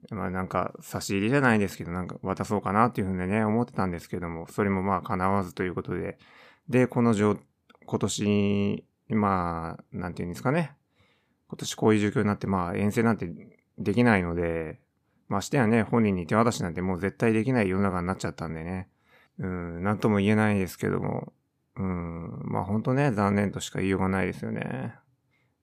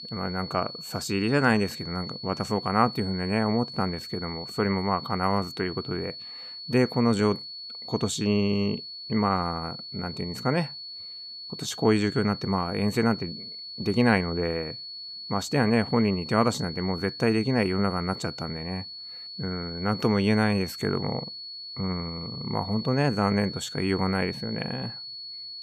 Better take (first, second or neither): first